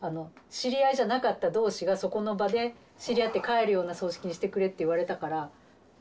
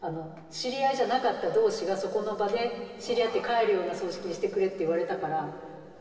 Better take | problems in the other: first | room echo; dies away in 2.7 s

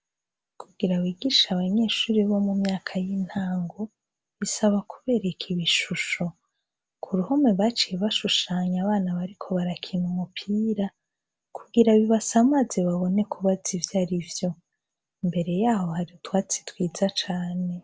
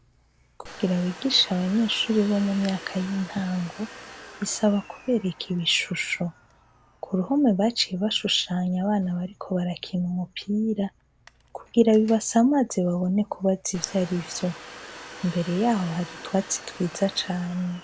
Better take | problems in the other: first | background sound (Domestic sounds, home sounds); 19 dB below the speech

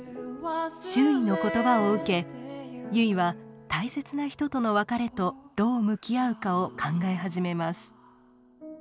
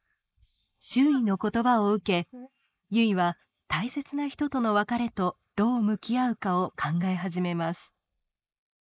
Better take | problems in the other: first | noise reduction (neural mask model Resemble Enhance denoiser)

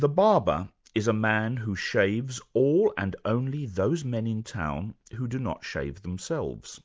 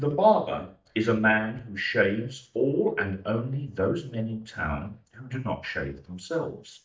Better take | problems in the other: first | noise reduction (neural mask model DeepFilterNet 3)

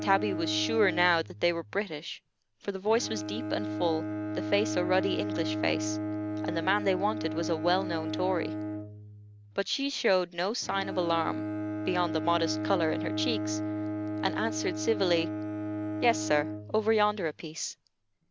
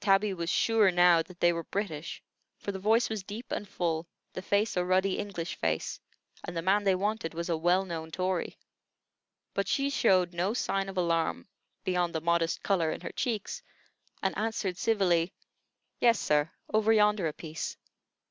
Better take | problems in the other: second | background sound (Bowed string instrument); 4 dB below the speech

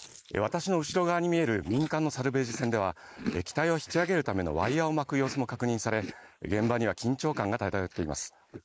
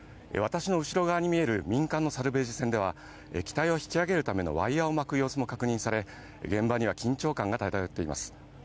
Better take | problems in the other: second | noise reduction (neural mask model Resemble Enhance denoiser)

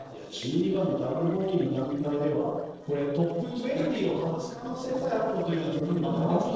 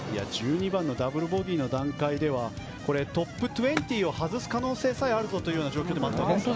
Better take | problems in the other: second | noise reduction (neural separator model SepFormer DNS4)

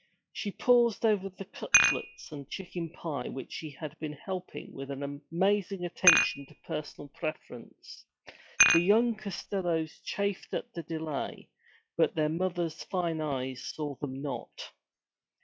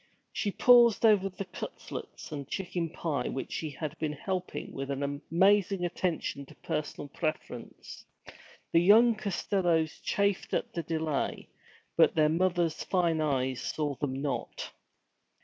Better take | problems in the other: second | noise reduction (classical method log-MMSE)

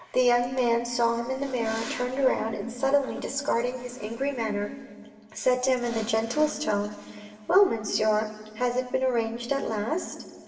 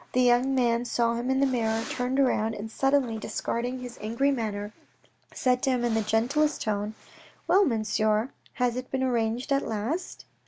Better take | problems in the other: second | room echo; dies away in 2 s

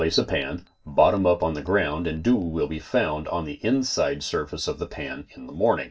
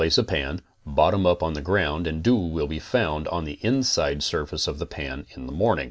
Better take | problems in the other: second | noise reduction (neural mask model DeepFilterNet 3)

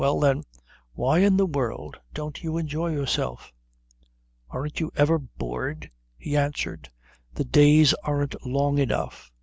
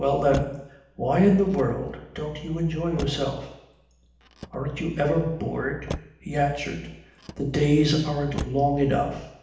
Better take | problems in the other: first | background sound (Motor vehicle (road)); 16 dB below the speech // room echo; dies away in 0.8 s

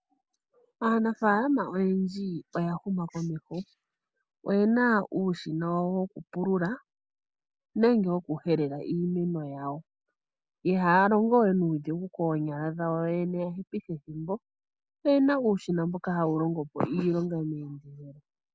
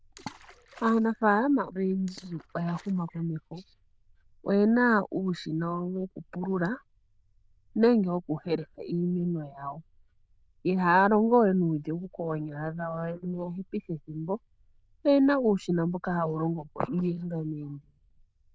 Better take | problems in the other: first | noise reduction (neural diffusion model UNIVERSE++)

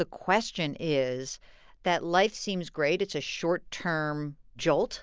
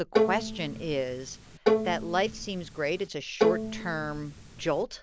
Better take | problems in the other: first | background sound (Bowed string instrument); 2 dB above the speech

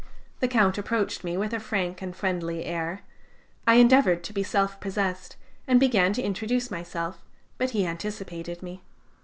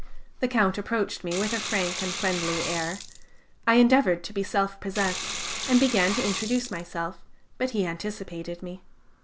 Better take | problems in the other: first | background sound (Sink (filling or washing) / Water); 6 dB below the speech

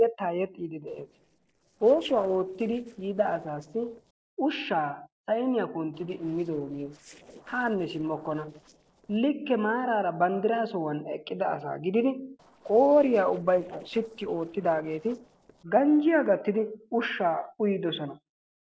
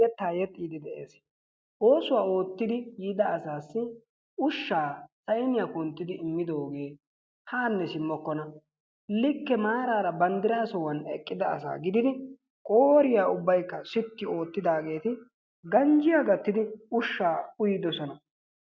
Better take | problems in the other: second | noise reduction (neural separator model SepFormer DNS4)

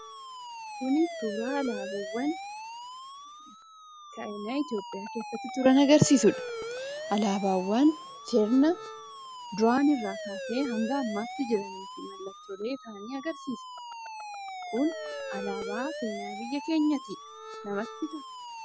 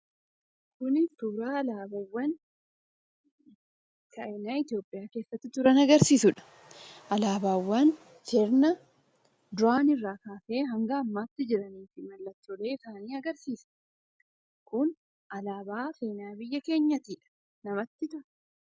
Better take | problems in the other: second | background sound (Siren); 10 dB below the speech

